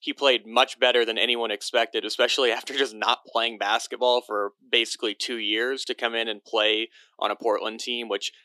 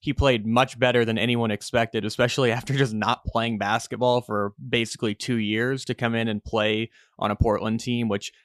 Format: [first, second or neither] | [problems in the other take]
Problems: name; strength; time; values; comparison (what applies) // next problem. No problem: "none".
second | thin; very; fading below 300 Hz